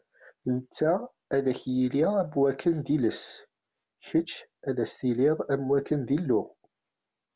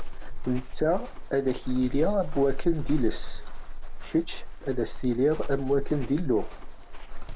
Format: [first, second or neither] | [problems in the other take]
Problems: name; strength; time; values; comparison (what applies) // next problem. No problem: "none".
first | background sound (Walk, footsteps); 1 dB below the speech